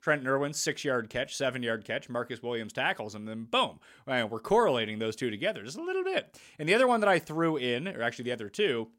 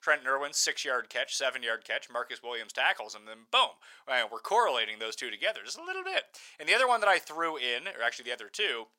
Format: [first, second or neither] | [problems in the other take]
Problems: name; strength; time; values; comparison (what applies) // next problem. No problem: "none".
first | thin; very; fading below 800 Hz